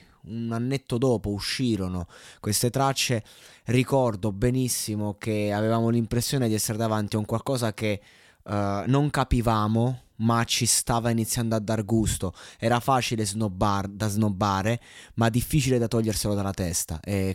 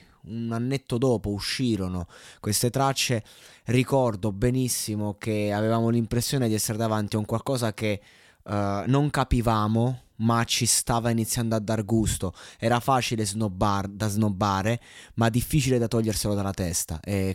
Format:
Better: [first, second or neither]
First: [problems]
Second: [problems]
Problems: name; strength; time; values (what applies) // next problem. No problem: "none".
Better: neither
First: none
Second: none